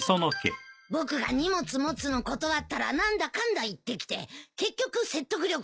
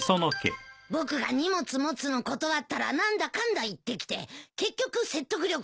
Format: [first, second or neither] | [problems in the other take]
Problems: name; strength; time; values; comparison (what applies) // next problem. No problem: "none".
second | noise reduction (classical method log-MMSE)